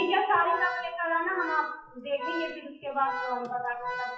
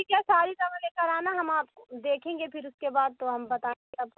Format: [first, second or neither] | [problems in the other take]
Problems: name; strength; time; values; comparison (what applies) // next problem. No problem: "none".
second | noise reduction (classical method WPE with log-MMSE)